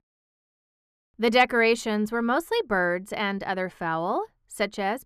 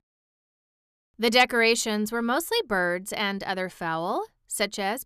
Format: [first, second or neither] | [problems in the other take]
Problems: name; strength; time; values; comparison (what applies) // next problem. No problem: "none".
second | muffled; slightly; fading above 3 kHz